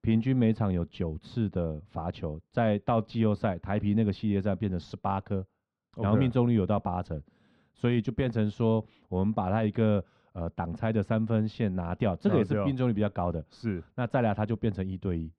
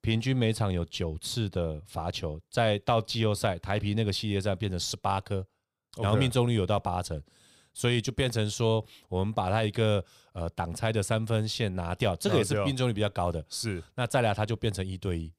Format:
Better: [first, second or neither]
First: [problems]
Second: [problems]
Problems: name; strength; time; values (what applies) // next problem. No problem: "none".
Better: second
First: muffled; very; fading above 2 kHz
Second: none